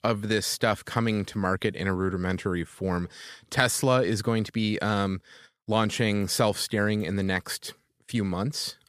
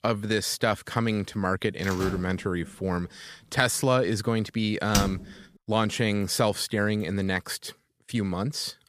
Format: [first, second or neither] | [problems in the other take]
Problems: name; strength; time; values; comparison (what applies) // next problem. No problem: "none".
first | door banging; noticeable; from 2 to 5 s; peak level with the speech